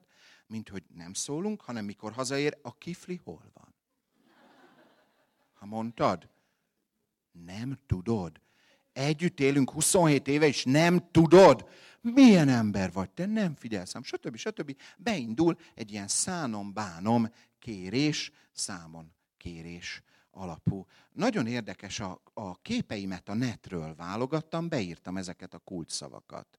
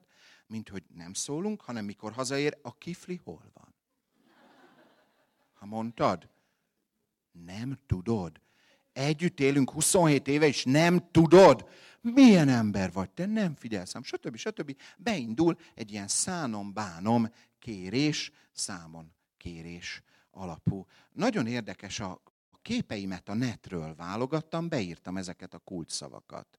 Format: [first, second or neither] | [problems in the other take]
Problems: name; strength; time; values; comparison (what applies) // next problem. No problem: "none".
first | audio cutting out; at 22 s